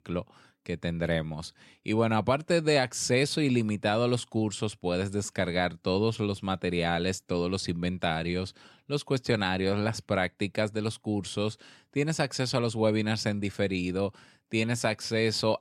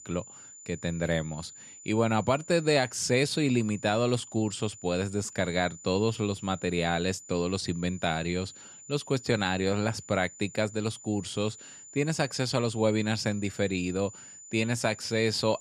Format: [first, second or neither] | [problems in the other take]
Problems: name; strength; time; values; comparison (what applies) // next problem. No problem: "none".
first | high-pitched whine; noticeable; throughout; 7 kHz, 15 dB below the speech